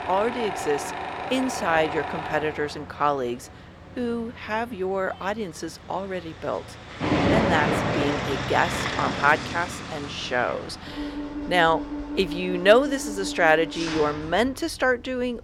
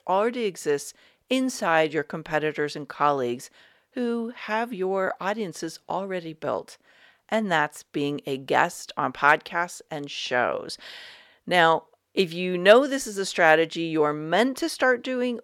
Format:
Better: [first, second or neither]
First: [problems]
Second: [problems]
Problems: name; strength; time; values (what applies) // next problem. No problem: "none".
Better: second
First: machinery noise; loud; throughout; 4 dB below the speech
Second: none